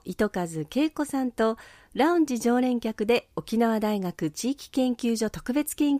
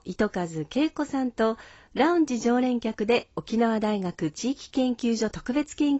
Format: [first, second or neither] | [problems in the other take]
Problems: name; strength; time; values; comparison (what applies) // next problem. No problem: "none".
first | garbled, watery; badly; nothing above 7.5 kHz